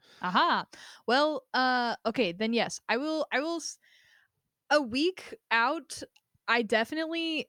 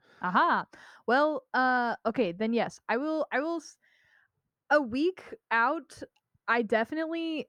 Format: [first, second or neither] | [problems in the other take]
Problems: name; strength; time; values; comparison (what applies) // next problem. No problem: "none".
first | muffled; slightly; fading above 2 kHz